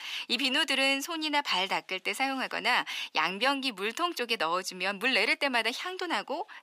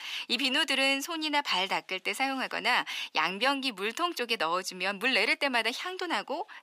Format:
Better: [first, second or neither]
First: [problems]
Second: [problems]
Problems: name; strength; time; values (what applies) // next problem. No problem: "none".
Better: neither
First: thin; very; fading below 650 Hz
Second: thin; very; fading below 650 Hz